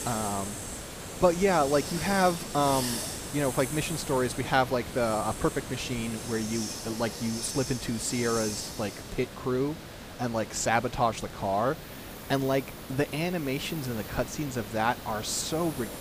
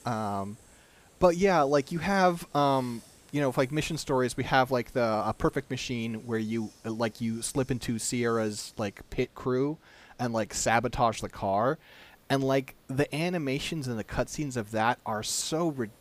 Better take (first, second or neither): second